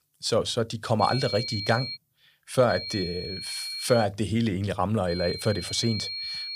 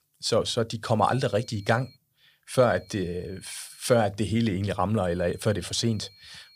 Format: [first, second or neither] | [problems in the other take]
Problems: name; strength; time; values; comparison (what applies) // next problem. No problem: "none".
second | high-pitched whine; loud; at 1 s, from 2.5 to 4 s and from 5 s on; 4 kHz, 6 dB below the speech; faint in the second